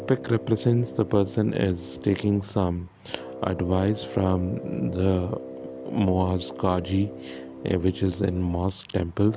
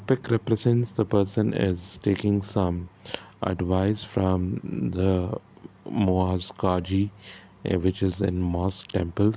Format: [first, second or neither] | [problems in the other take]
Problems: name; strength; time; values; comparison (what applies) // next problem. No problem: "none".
second | background sound (Brass instrument); 13 dB below the speech